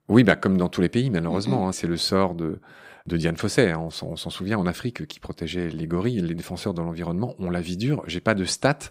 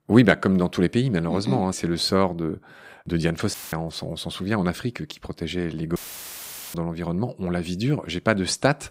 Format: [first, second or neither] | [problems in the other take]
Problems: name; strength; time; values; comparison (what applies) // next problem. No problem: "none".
first | audio cutting out; filled with static; at 3.5 s and at 6 s for 1 s